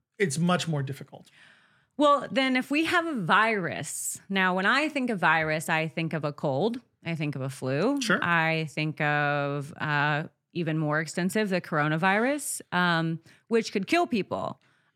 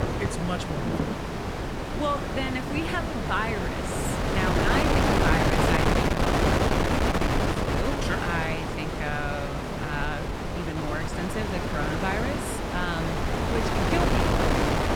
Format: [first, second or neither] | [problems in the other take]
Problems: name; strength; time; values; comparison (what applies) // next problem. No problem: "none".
first | wind noise on the microphone; heavy; 3 dB above the speech